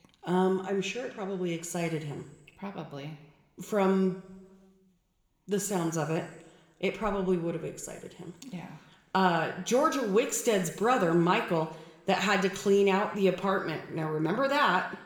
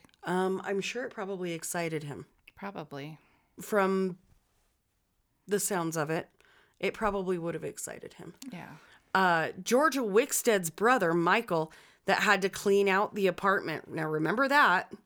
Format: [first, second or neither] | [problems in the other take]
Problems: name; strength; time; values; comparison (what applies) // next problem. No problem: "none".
second | room echo; slight; dies away in 1.1 s